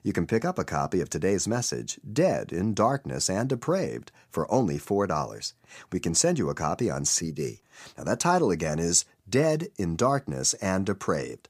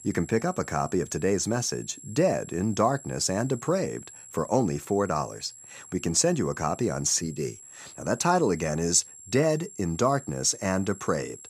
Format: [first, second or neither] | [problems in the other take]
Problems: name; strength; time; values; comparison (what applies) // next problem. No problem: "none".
first | high-pitched whine; noticeable; throughout; 7.5 kHz, 15 dB below the speech